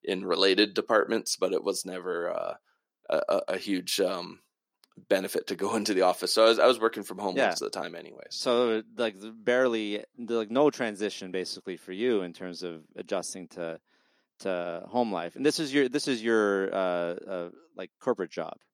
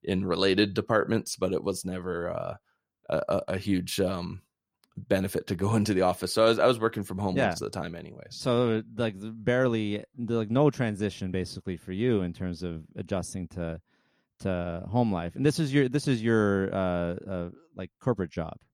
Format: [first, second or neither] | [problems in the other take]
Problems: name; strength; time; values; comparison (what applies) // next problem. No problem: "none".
second | thin; very slightly; fading below 300 Hz